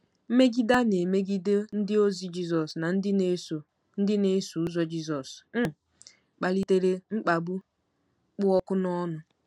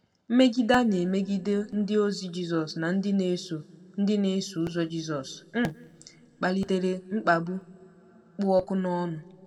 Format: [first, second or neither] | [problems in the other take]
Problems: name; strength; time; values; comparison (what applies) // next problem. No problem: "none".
first | room echo; dies away in 1.3 s